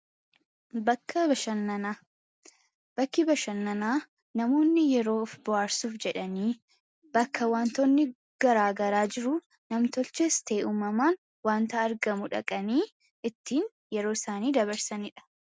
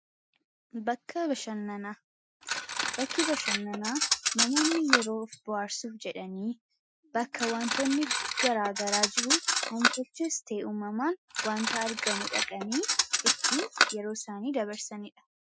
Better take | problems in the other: first | noise reduction (classical method Wiener filter)

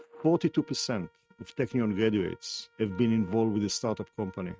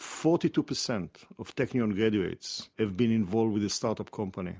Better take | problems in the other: second | noise reduction (neural mask model RNNoise)

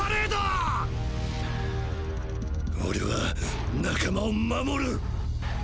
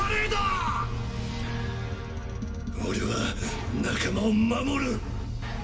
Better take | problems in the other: first | room echo; dies away in 1.7 s

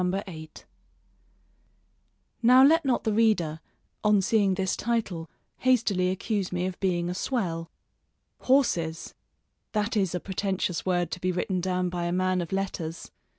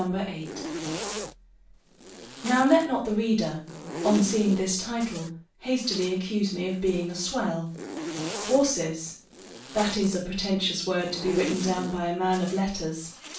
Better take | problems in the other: first | background sound (Zipper (clothing)); 10 dB below the speech // room echo; dies away in 0.3 s

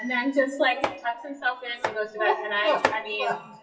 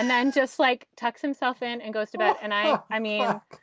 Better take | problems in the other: second | noise reduction (classical method WPE with log-MMSE)

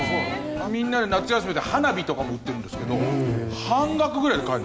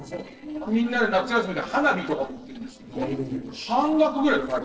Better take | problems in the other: first | noise reduction (neural separator model SepFormer DNS4)

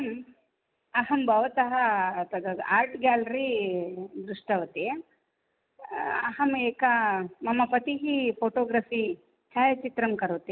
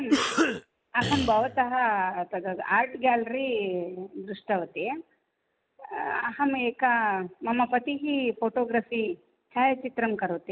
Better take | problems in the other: first | background sound (Cough); 1 dB below the speech

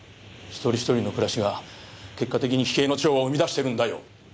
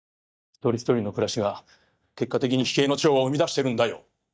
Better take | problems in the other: first | noise reduction (neural mask model DeepFilterNet 3)

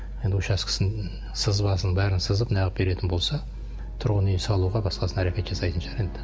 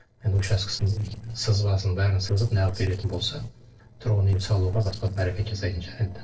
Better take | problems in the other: first | noise reduction (neural separator model SepFormer DNS4)

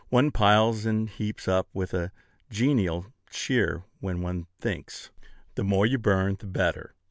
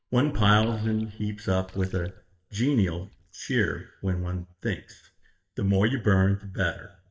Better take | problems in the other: first | noise reduction (neural mask model DeepFilterNet 3)

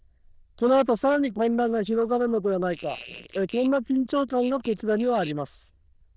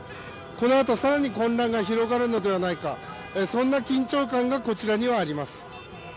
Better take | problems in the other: second | noise reduction (neural diffusion model UNIVERSE++)

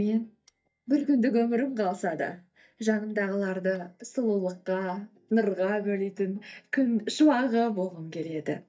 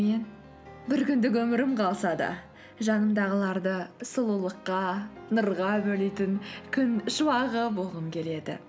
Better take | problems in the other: second | noise reduction (neural mask model DeepFilterNet 3)

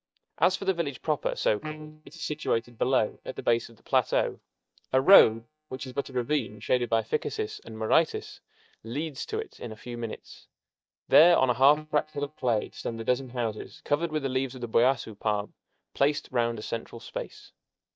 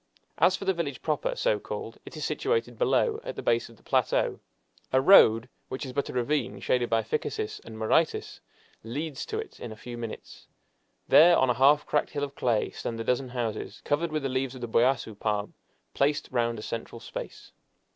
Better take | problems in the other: second | noise reduction (neural mask model DeepFilterNet 3)

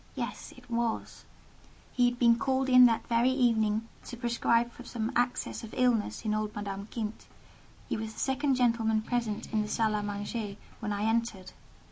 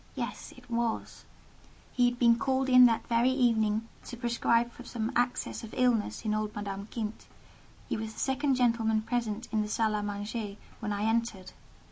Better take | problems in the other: second | background sound (Strum); 15 dB below the speech

